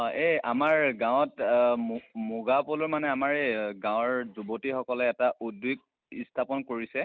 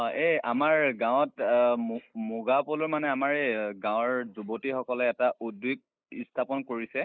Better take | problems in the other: first | noise reduction (neural mask model Resemble Enhance denoiser)

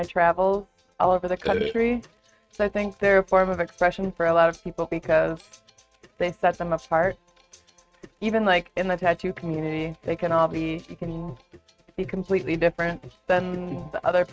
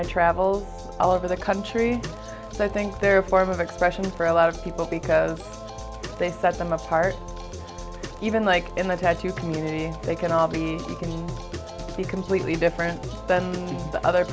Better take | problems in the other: second | noise reduction (neural mask model RNNoise)

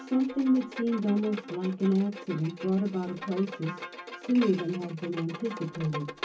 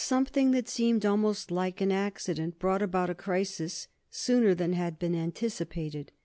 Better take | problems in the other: second | background sound (Bowed string instrument); 13 dB below the speech // room echo; dies away in 0.3 s

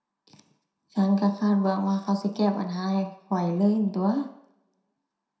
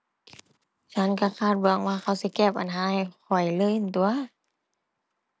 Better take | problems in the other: second | room echo; dies away in 0.5 s

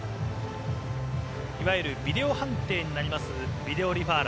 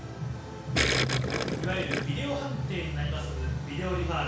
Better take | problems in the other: first | background sound (Gurgling); 1 dB above the speech // room echo; dies away in 0.6 s

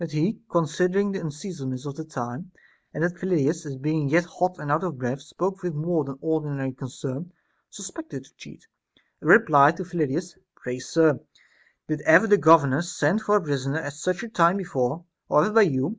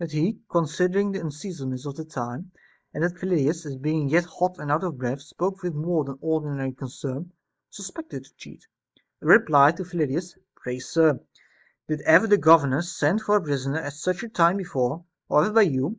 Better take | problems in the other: first | noise reduction (neural mask model Resemble Enhance denoiser)

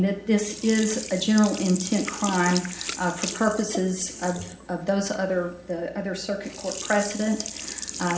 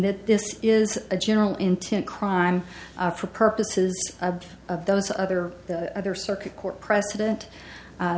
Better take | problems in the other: second | background sound (Sink (filling or washing)); 11 dB below the speech // room echo; dies away in 1.7 s

